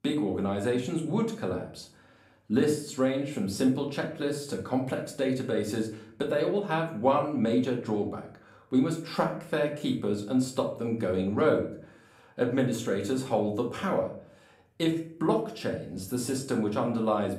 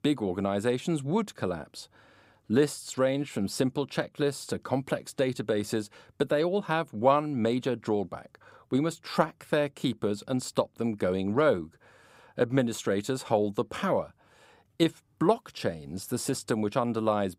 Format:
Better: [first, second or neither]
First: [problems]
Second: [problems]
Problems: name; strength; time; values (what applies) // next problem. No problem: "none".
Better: second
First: room echo; slight; dies away in 0.5 s // off-mic speech; somewhat distant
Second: none